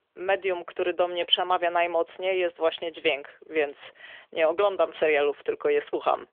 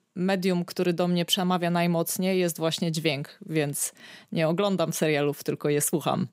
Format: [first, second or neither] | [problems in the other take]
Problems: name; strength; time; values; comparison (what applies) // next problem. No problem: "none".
second | phone-call audio; nothing above 3 kHz